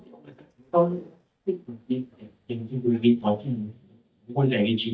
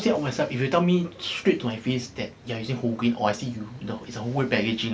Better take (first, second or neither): second